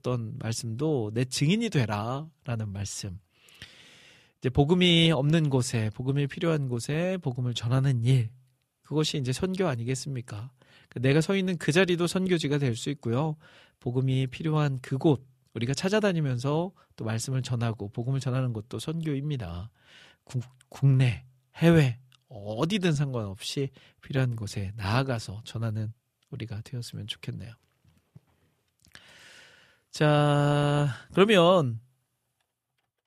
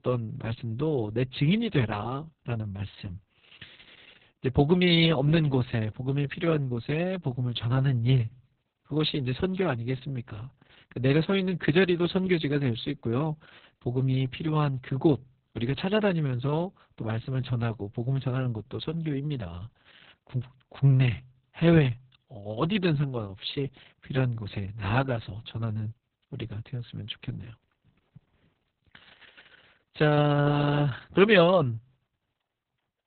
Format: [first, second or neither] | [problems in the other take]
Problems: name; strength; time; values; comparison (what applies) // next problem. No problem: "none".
first | garbled, watery; badly; nothing above 4 kHz